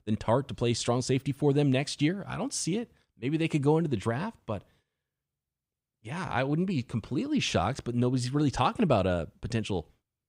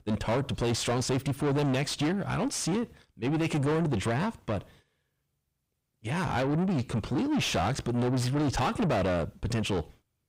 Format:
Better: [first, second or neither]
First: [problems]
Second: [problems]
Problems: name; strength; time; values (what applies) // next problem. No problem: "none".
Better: first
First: none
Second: distortion; heavy; 6 dB below the speech